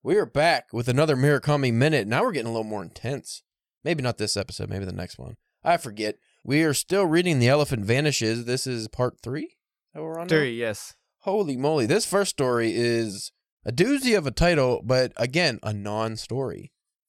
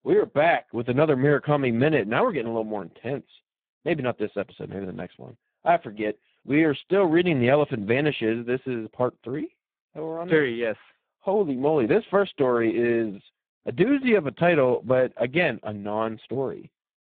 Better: first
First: none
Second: phone-call audio; poor line; nothing above 3.5 kHz

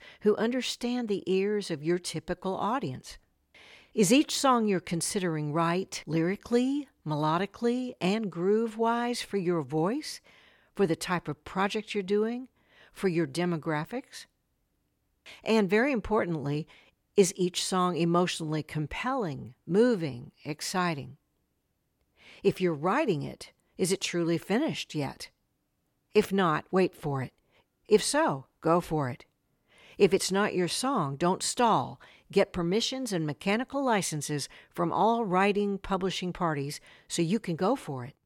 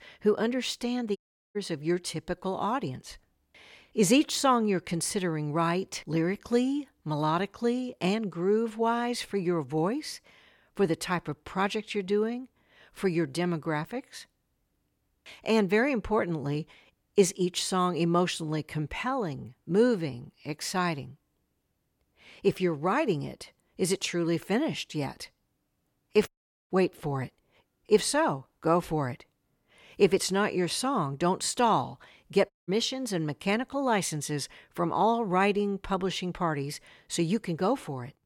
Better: first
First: none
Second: audio cutting out; at 1 s, at 26 s and at 33 s

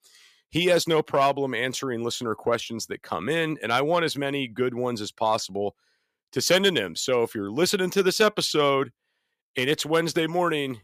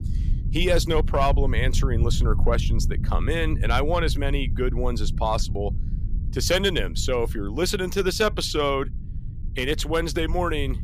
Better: first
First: none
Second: low rumble; noticeable; throughout; 20 dB below the speech

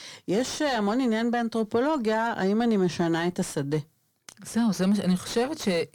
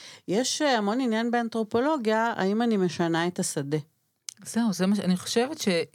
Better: second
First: distortion; slight; 10 dB below the speech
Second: none

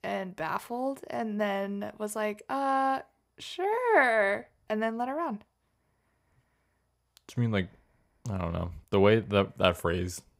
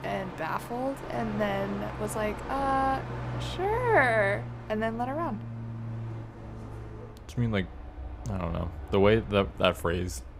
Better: first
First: none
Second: train or aircraft noise; noticeable; throughout; 10 dB below the speech

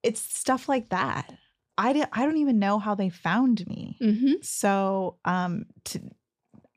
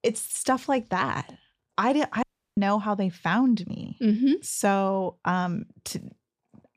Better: first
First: none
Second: audio cutting out; at 2 s

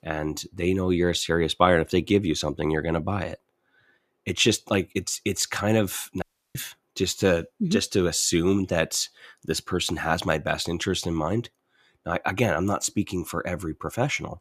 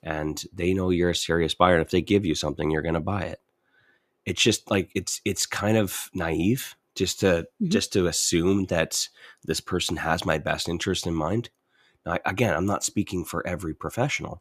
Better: second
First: audio cutting out; at 6 s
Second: none

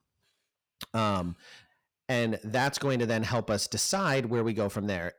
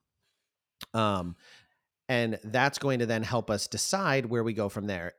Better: second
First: distortion; slight; 10 dB below the speech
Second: none

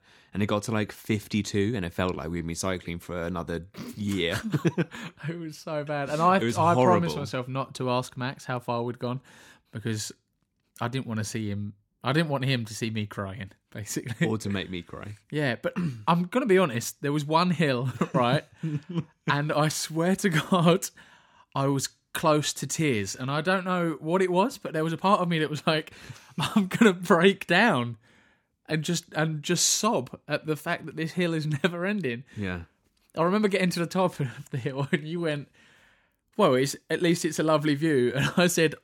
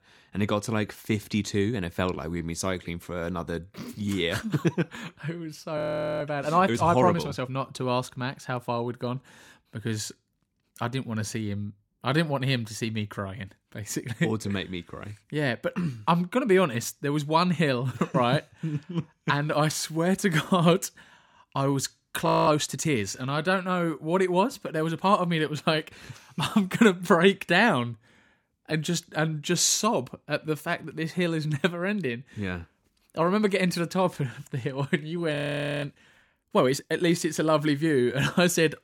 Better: first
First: none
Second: audio freezing; at 6 s, at 22 s and at 35 s

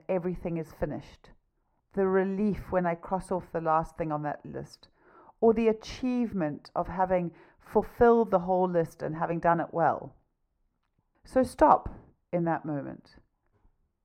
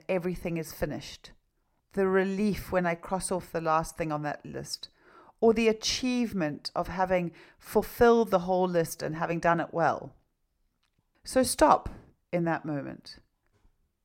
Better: second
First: muffled; very; fading above 2.5 kHz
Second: none

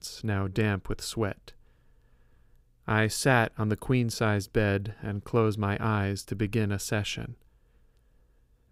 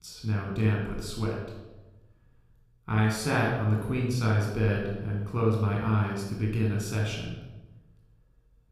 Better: first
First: none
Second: off-mic speech; far // room echo; noticeable; dies away in 0.9 s

